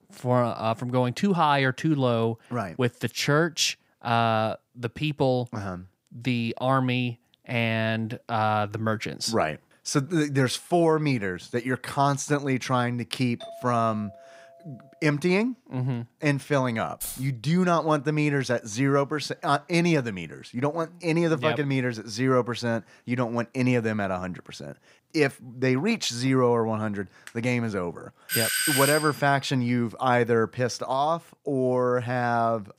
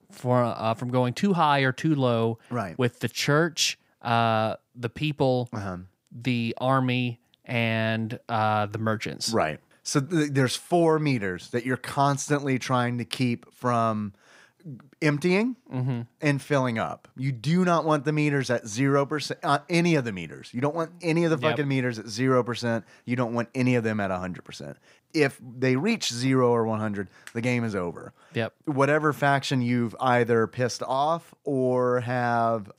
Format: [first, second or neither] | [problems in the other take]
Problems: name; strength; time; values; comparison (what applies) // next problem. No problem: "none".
second | doorbell; faint; from 13 to 15 s; peak 15 dB below the speech // jangling keys; noticeable; at 17 s; peak 8 dB below the speech // doorbell; loud; at 28 s; peak 3 dB above the speech